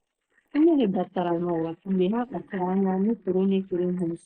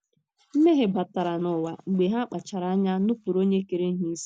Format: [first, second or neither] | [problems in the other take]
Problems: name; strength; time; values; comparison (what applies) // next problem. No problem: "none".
second | noise reduction (neural mask model Resemble Enhance denoiser)